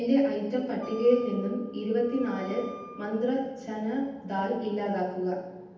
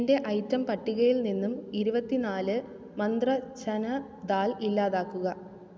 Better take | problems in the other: second | background sound (Wind instrument, woodwind instrument); 18 dB below the speech // room echo; dies away in 0.9 s

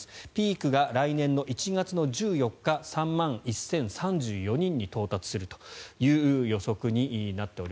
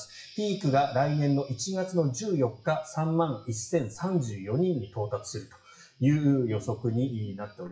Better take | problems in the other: first | noise reduction (classical method WPE with log-MMSE)

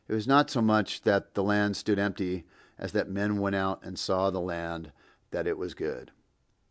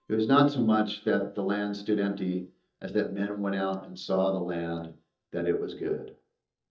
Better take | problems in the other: first | noise reduction (neural mask model DeepFilterNet 3)

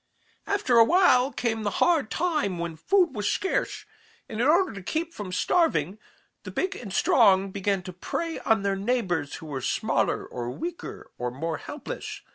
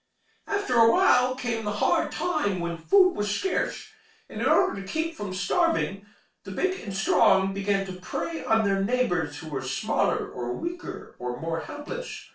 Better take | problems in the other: first | room echo; dies away in 0.3 s

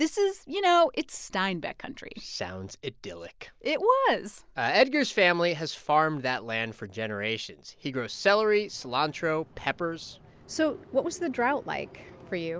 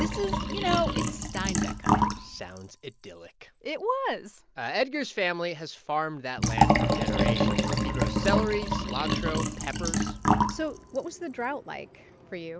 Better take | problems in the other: first | background sound (Liquid); 4 dB above the speech

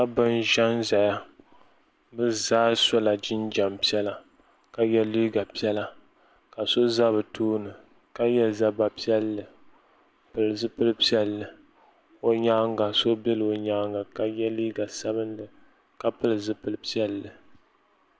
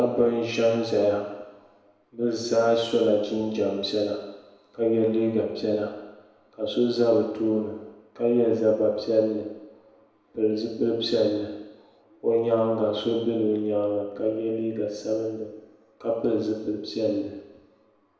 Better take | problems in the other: first | room echo; dies away in 1 s

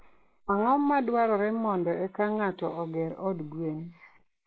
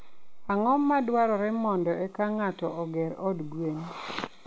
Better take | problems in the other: second | noise reduction (neural mask model Resemble Enhance denoiser)

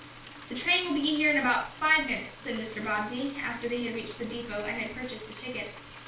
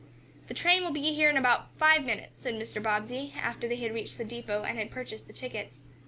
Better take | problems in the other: second | background sound (Frying (food)); 17 dB below the speech // room echo; dies away in 0.4 s

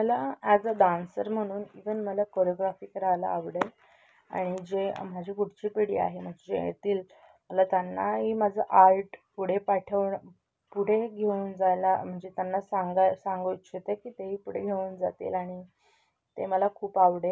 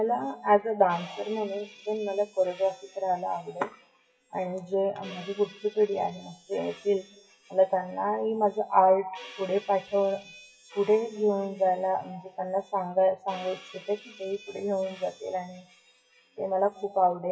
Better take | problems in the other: first | noise reduction (classical method WPE with log-MMSE)

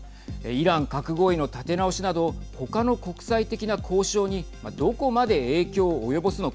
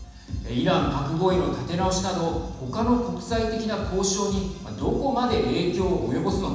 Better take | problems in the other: first | room echo; dies away in 1.1 s

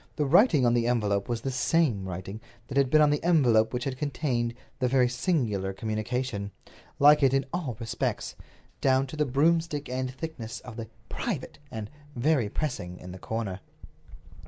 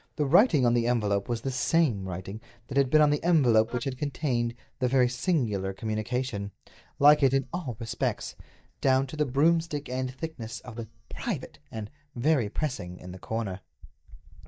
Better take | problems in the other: first | noise reduction (neural mask model DeepFilterNet 3)

